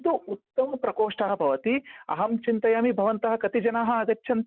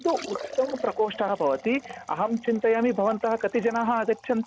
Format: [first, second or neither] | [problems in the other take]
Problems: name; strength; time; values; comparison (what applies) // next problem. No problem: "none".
first | background sound (Liquid); 17 dB below the speech